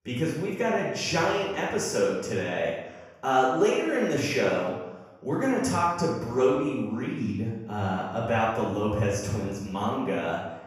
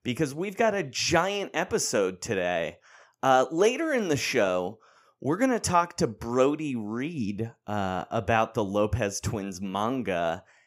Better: second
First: room echo; noticeable; dies away in 0.9 s // off-mic speech; far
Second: none

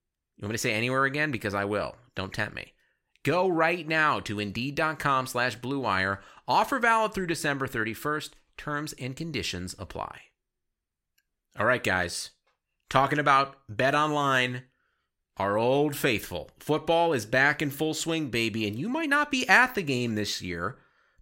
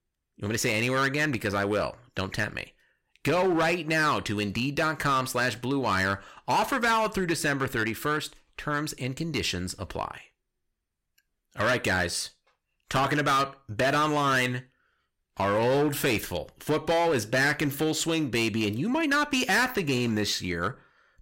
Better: first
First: none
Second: distortion; heavy; 9% of the sound clipped

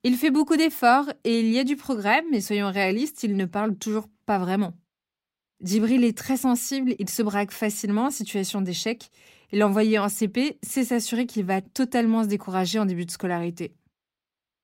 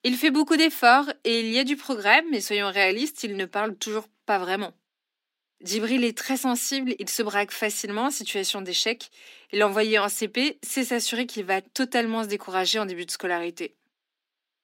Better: first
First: none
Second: thin; very slightly; fading below 250 Hz

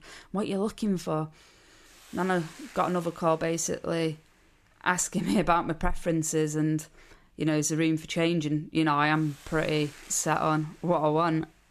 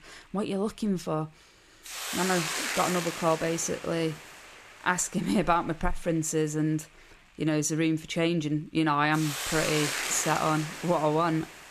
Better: first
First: hiss; faint; throughout; 25 dB below the speech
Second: hiss; loud; throughout; 5 dB below the speech

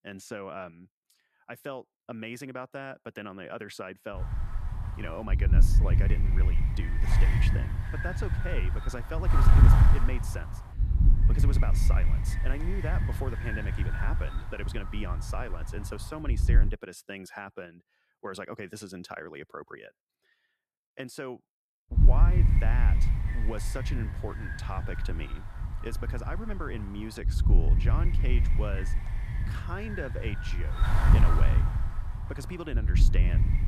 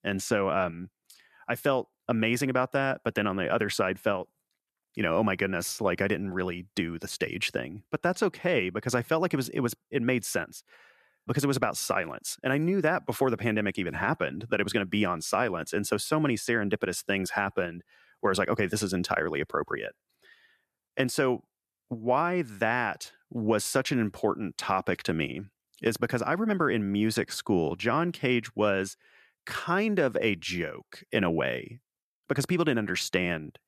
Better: second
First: wind noise on the microphone; heavy; from 4 to 17 s and from 22 s on; 1 dB below the speech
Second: none

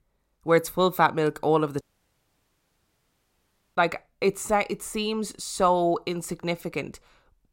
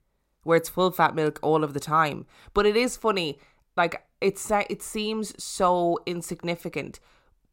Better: second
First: audio cutting out; at 2 s for 2 s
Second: none

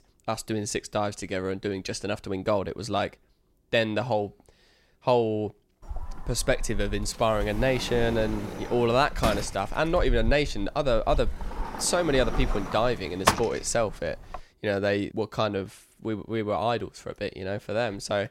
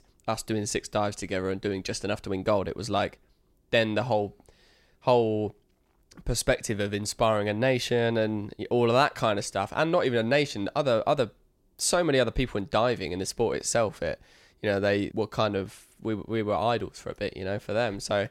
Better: second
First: door banging; loud; from 6 to 14 s; peak 3 dB above the speech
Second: none

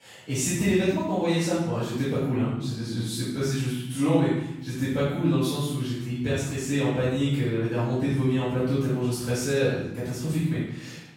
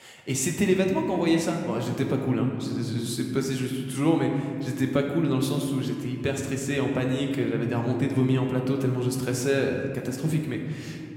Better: second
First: room echo; strong; dies away in 0.8 s // off-mic speech; far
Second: room echo; slight; dies away in 2.1 s

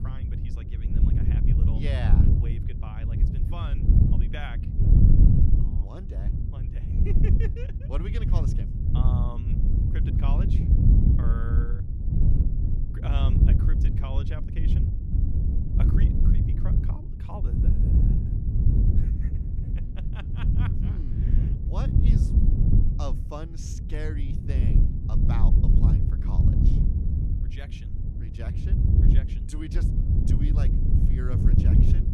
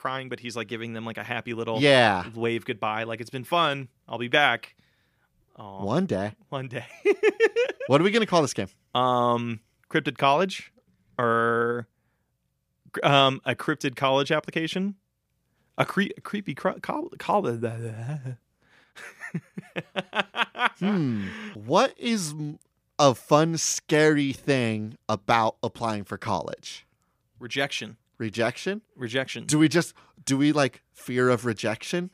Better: second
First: wind noise on the microphone; heavy; 4 dB above the speech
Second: none

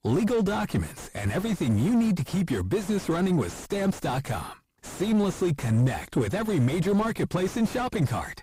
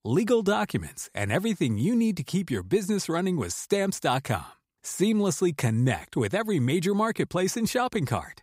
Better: second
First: distortion; heavy; 5 dB below the speech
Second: none

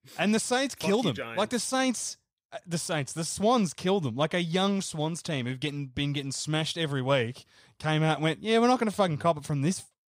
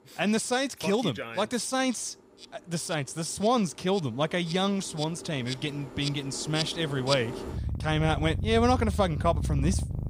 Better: first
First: none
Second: animal sounds; loud; throughout; 6 dB below the speech

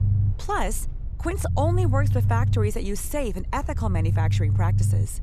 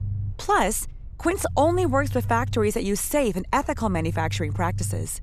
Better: second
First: low rumble; loud; throughout; 8 dB below the speech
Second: low rumble; faint; throughout; 20 dB below the speech

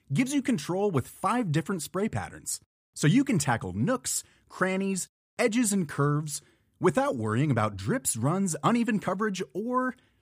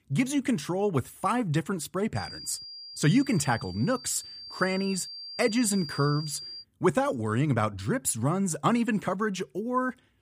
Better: first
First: none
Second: high-pitched whine; noticeable; from 2 to 6.5 s; 4.5 kHz, 10 dB below the speech

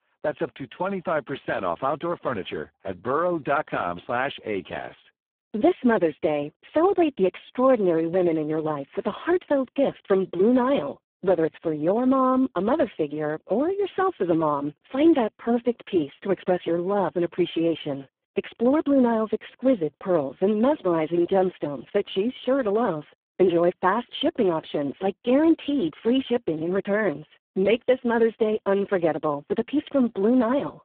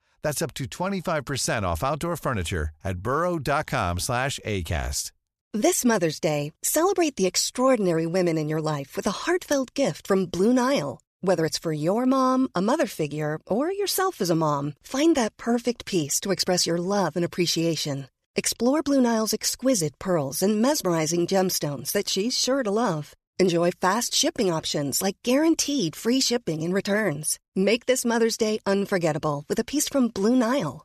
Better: second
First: phone-call audio; poor line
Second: none

